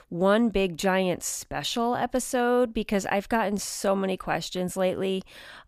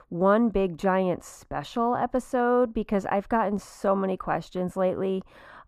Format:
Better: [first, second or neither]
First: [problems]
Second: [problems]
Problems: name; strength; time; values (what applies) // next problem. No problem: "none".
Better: first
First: none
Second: muffled; very; fading above 2 kHz